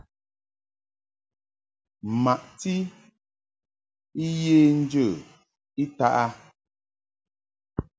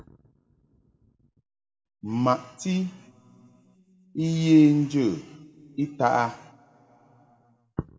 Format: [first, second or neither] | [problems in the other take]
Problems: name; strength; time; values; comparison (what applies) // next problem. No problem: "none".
first | room echo; dies away in 2 s